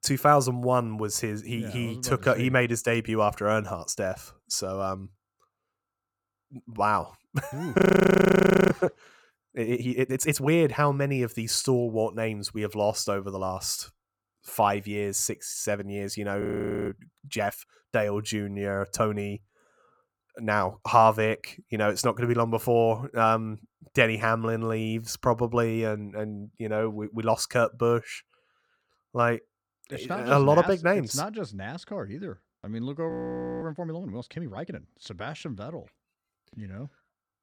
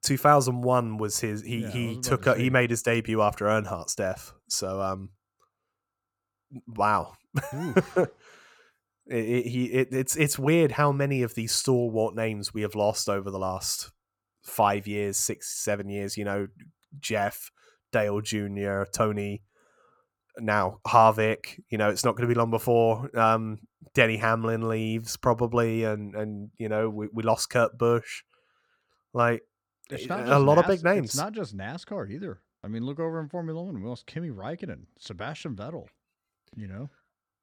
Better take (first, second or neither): second